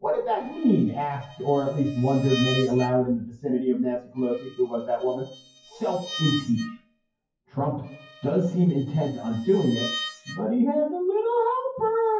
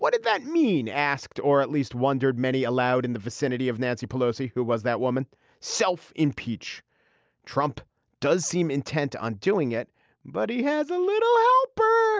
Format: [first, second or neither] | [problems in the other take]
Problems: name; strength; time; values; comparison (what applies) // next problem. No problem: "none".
second | noise reduction (classical method WPE with log-MMSE)